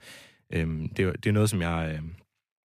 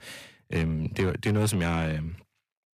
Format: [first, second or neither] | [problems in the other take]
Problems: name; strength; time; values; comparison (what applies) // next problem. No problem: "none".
first | distortion; slight; 10 dB below the speech